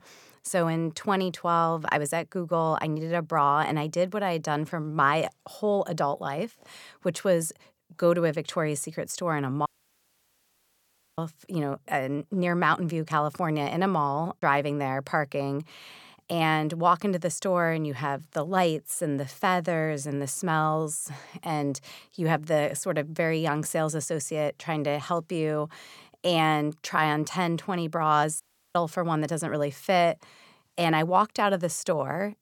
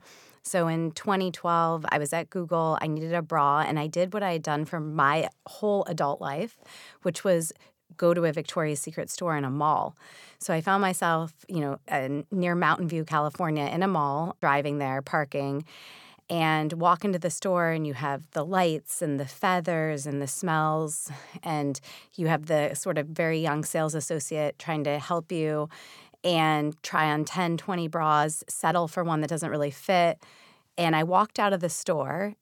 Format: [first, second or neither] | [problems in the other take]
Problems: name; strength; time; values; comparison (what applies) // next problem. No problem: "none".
second | audio cutting out; at 9.5 s for 1.5 s and at 28 s